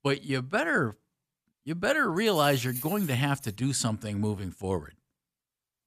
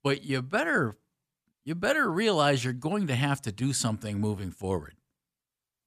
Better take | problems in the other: second | jangling keys; noticeable; from 2 to 3.5 s; peak 8 dB below the speech

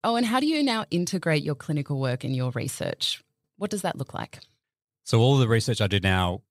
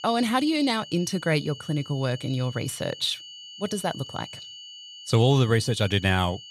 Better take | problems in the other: first | high-pitched whine; noticeable; throughout; 3 kHz, 15 dB below the speech

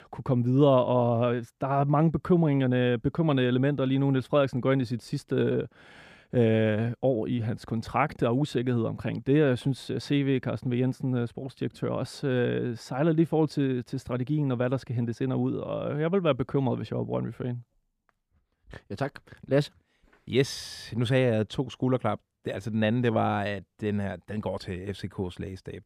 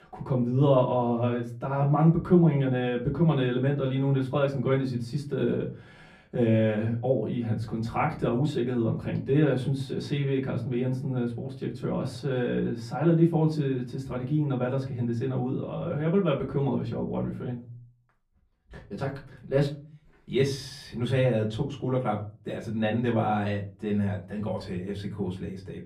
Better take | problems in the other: first | off-mic speech; far // room echo; very slight; dies away in 0.4 s

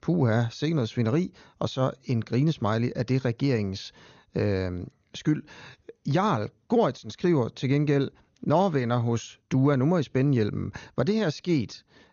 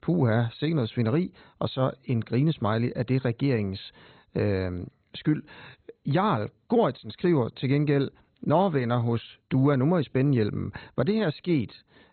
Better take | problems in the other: first | garbled, watery; badly; nothing above 4 kHz; slightly in the first

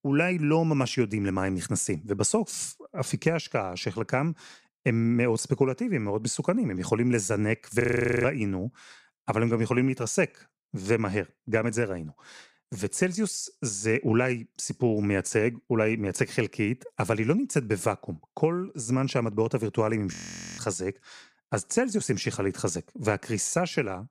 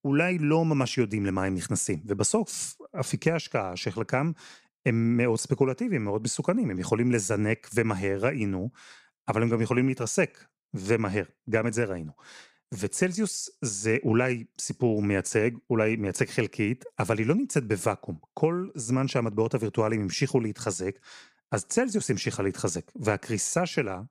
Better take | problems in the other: second | audio freezing; at 8 s and at 20 s

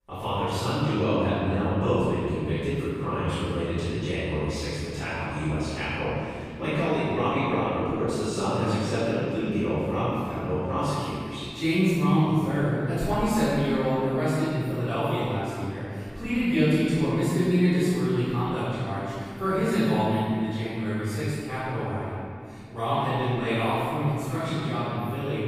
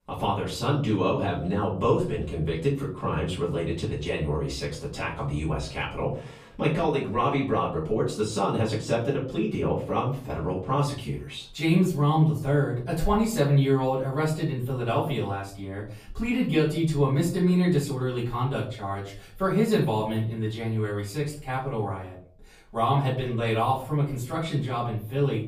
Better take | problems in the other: second | room echo; strong; dies away in 2.3 s; slight in the second // off-mic speech; far; far in the second

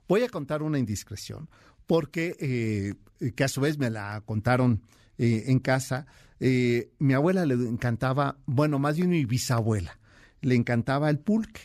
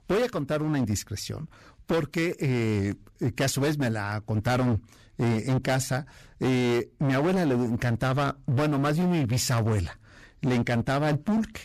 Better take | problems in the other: first | distortion; heavy; 19% of the sound clipped

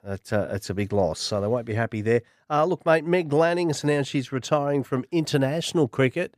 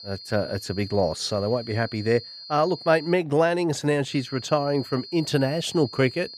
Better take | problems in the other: first | high-pitched whine; noticeable; until 3 s and from 4 s on; 4.5 kHz, 15 dB below the speech

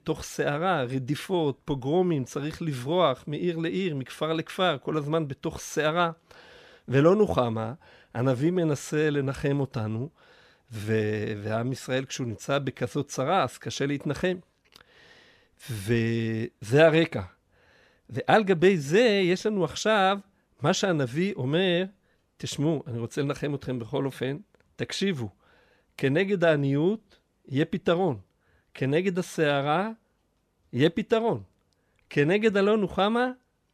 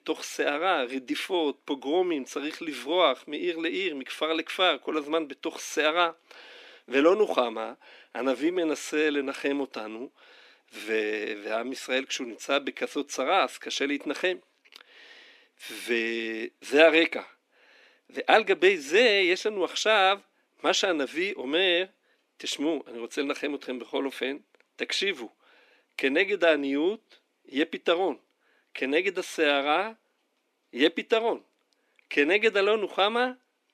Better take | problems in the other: first | thin; very slightly; fading below 250 Hz

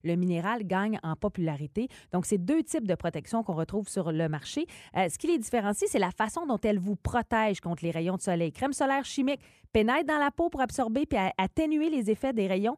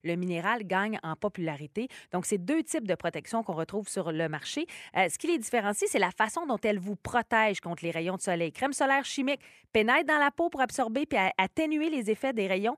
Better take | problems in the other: first | thin; very slightly; fading below 350 Hz

